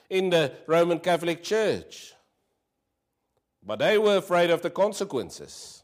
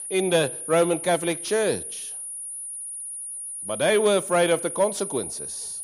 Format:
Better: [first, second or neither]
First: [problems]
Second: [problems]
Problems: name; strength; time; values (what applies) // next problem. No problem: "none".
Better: first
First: none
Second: high-pitched whine; loud; throughout; 9.5 kHz, 8 dB below the speech